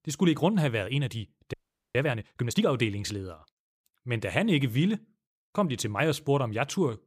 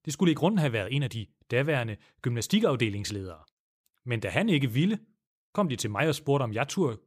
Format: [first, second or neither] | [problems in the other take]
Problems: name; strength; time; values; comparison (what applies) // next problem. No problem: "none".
second | audio freezing; at 1.5 s